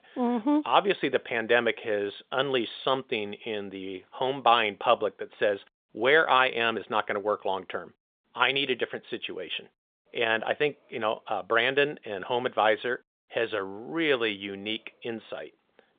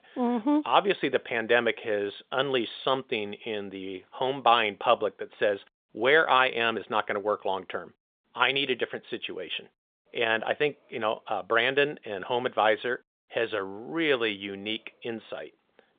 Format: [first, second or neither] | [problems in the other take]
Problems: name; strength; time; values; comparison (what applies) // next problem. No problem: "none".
neither | phone-call audio; nothing above 3.5 kHz; the same in both